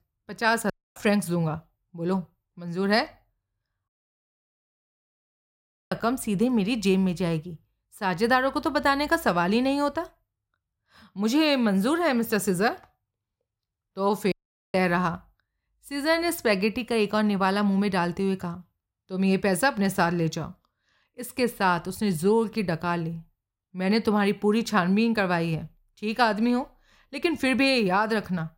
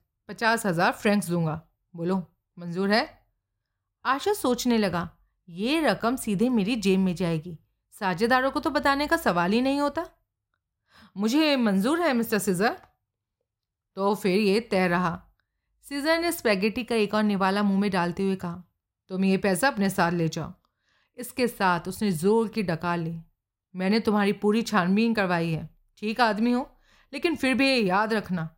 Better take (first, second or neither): second